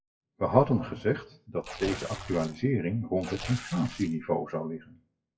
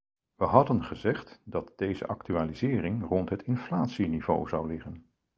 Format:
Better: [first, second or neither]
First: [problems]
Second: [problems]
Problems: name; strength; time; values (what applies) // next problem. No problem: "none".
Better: second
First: noise reduction (classical method WPE with log-MMSE)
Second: none